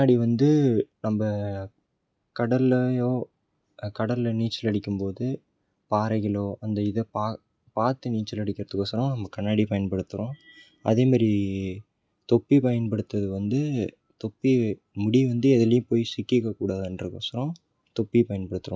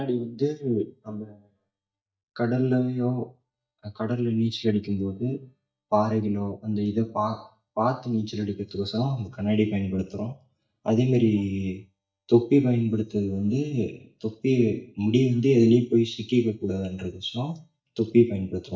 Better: first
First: none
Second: noise reduction (neural mask model DeepFilterNet 3)

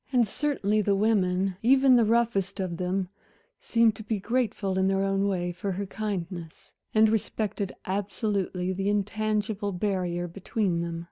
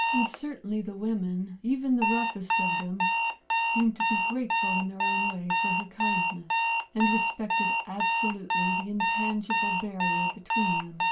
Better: first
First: none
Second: background sound (Alarm); 3 dB above the speech // room echo; dies away in 0.2 s

